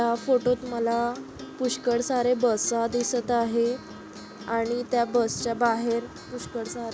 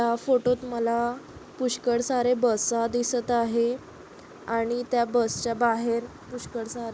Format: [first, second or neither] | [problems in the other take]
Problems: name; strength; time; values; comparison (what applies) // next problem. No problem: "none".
second | background sound (Acoustic guitar); 16 dB below the speech